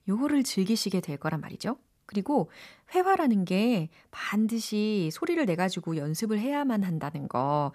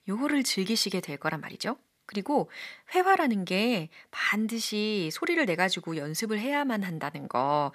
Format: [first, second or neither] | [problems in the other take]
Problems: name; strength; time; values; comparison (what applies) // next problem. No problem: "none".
first | thin; very slightly; fading below 350 Hz